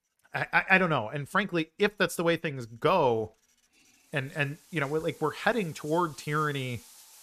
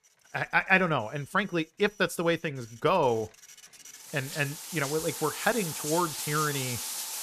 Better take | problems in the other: first | household noises; loud; throughout; 6 dB below the speech; faint in the first

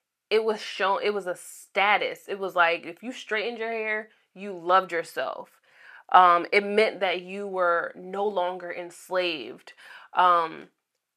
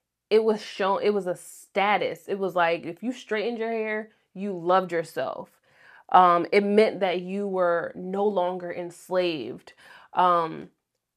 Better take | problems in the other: second | thin; somewhat; fading below 1 kHz

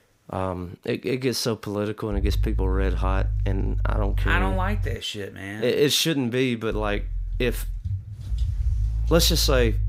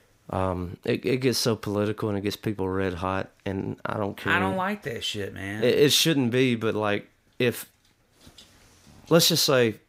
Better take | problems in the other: second | low rumble; faint; from 2 to 5 s and from 6.5 s on; 20 dB below the speech

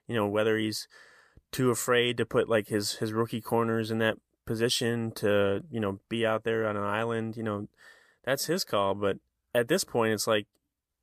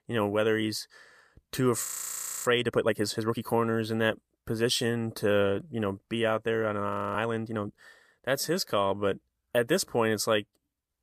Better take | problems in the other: first | audio freezing; at 2 s for 0.5 s and at 7 s

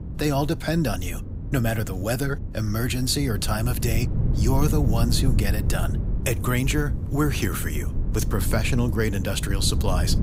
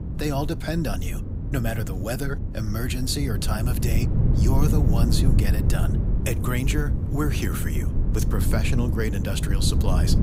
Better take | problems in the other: first | wind noise on the microphone; heavy; 5 dB below the speech; occasional gusts in the first

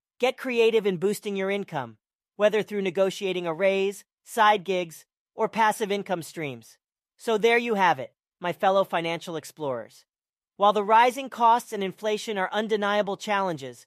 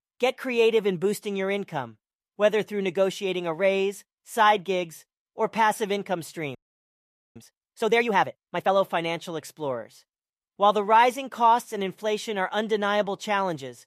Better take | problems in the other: first | audio freezing; at 6.5 s for 1 s

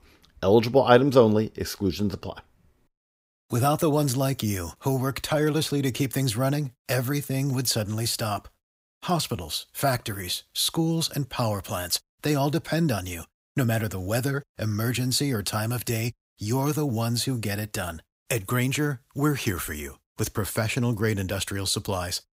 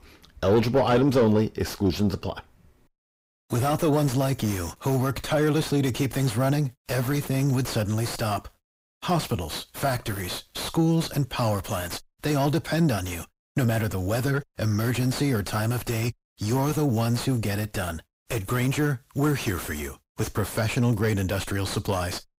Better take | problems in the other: first | distortion; heavy; 7 dB below the speech

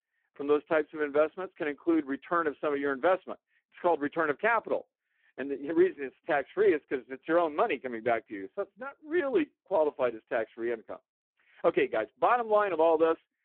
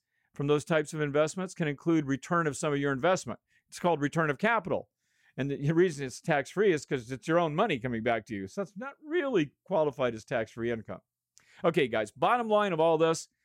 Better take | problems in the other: second | phone-call audio; poor line

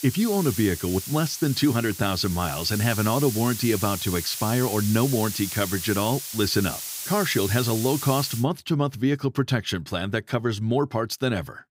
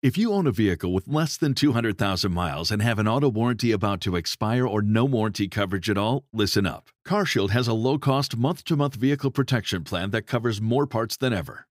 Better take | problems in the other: second | hiss; loud; until 8.5 s; 7 dB below the speech

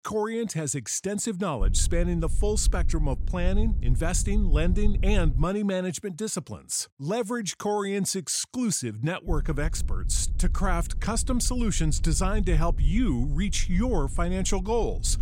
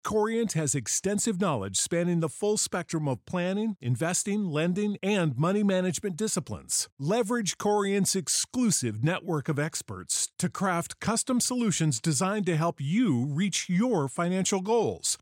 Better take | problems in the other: second | wind noise on the microphone; occasional gusts; from 1.5 to 5.5 s and from 9.5 s on; 20 dB below the speech

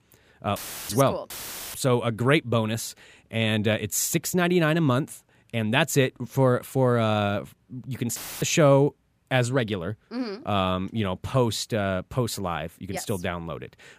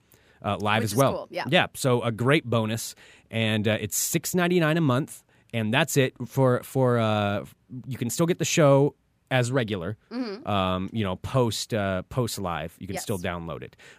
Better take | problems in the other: second | audio cutting out; filled with static; at 0.5 s, at 1.5 s and at 8 s

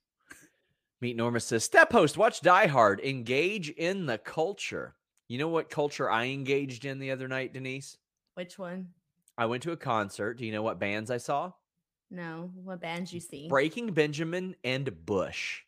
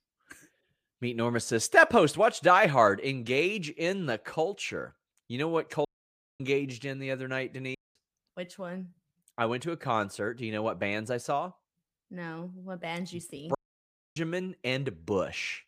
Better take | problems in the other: first | audio cutting out; at 6 s for 0.5 s, at 8 s and at 14 s for 0.5 s

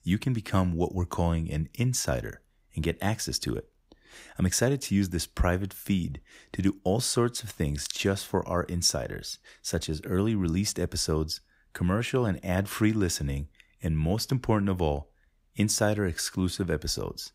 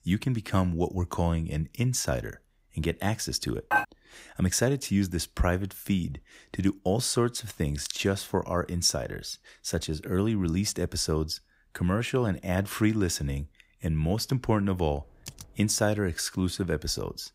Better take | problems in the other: first | clattering dishes; loud; at 3.5 s; peak 1 dB above the speech // keyboard typing; faint; at 15 s; peak 15 dB below the speech

